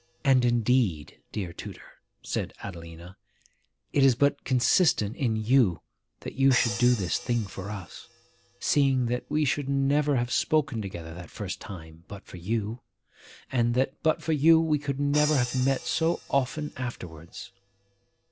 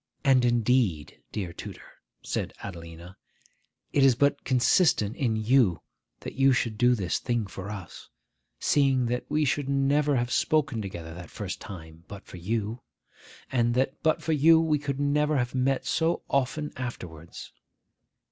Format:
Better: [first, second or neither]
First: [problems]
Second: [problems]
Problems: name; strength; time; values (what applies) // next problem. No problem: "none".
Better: second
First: background sound (Crash cymbal); 17 dB below the speech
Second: none